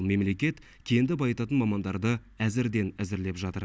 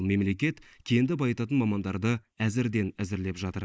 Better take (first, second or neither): first